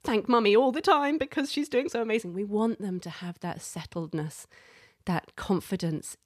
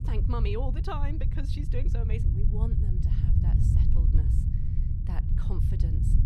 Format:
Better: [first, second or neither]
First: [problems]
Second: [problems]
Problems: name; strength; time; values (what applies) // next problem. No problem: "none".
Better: first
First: none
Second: low rumble; loud; throughout; 2 dB below the speech